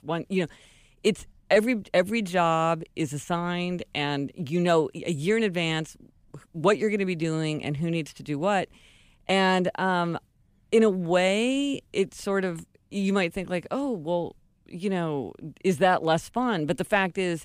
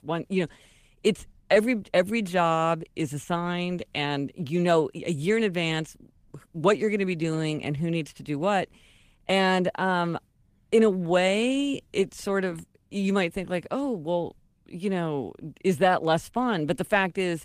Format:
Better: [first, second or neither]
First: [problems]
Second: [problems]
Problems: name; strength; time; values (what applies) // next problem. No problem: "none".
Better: first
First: none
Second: garbled, watery; slightly; nothing above 15 kHz